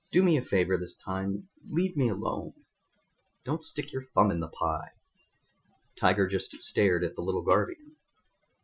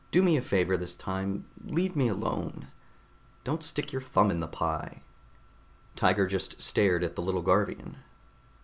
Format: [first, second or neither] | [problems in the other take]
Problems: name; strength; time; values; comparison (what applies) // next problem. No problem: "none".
second | noise reduction (classical method Wiener filter)